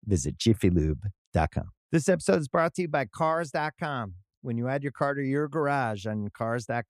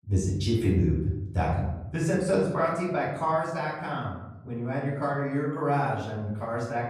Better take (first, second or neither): first